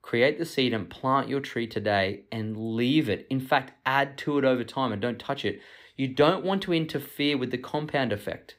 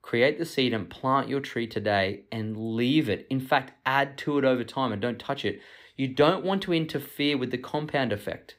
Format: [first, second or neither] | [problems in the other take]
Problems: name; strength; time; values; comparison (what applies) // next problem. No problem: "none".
neither | none